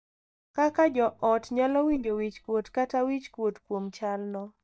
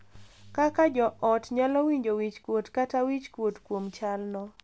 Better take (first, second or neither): second